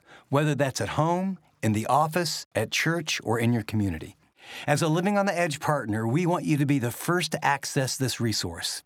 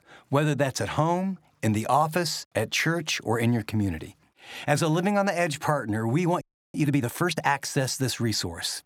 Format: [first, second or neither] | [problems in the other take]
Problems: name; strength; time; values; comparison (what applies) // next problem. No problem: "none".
first | audio freezing; at 6.5 s